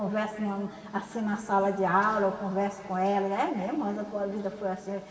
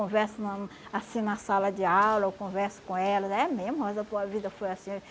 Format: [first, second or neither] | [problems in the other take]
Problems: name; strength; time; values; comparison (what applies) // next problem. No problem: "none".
second | room echo; dies away in 2.4 s